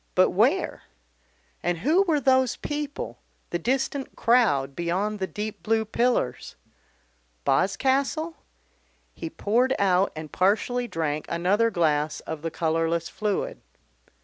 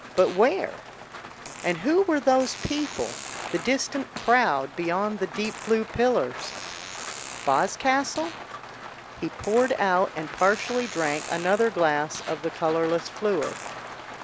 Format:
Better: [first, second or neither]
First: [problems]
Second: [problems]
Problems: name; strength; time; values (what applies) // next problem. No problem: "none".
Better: first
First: none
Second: background sound (Fart + Rain); 12 dB below the speech